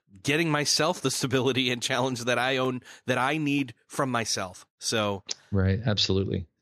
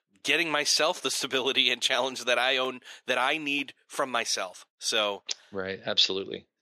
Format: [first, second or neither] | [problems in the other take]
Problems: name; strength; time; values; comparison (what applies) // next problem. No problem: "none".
first | thin; somewhat; fading below 400 Hz